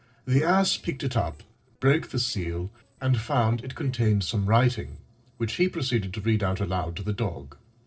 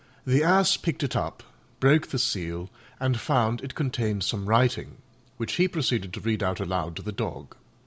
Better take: second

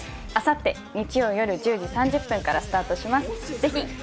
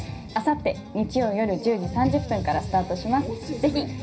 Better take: first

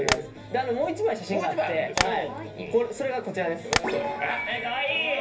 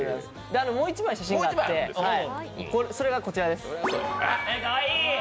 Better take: second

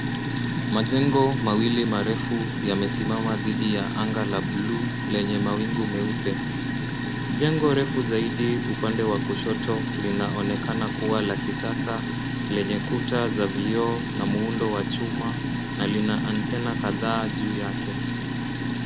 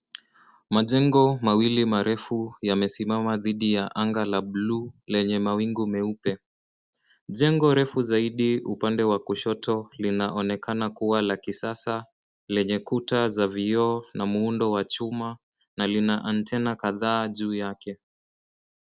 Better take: second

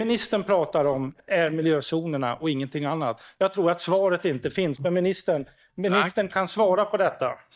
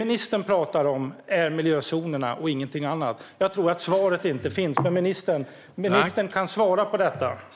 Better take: second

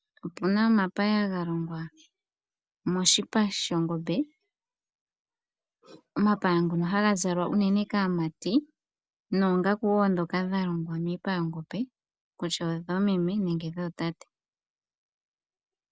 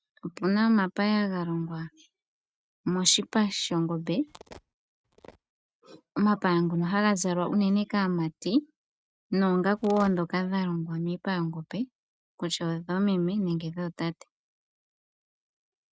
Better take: first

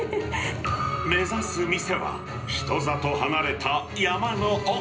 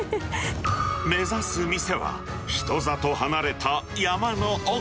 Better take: second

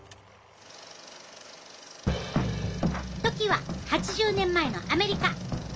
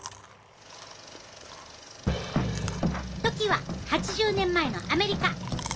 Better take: first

